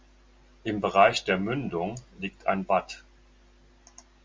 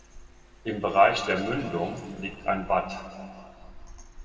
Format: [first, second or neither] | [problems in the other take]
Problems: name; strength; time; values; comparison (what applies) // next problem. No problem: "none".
first | background sound (Engine / Car); 19 dB below the speech // room echo; dies away in 2.3 s